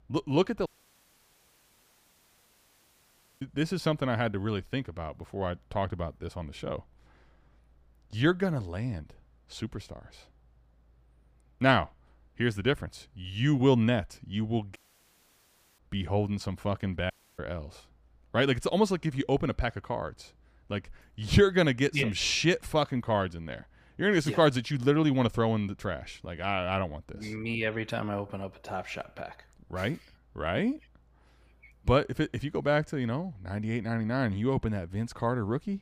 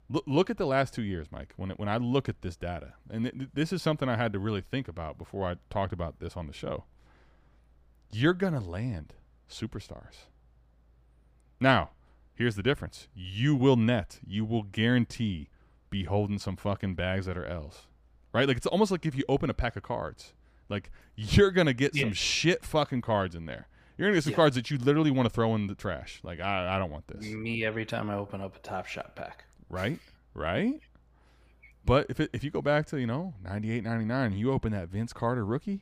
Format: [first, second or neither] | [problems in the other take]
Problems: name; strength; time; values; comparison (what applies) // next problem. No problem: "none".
second | audio cutting out; at 0.5 s for 3 s, at 15 s for 1 s and at 17 s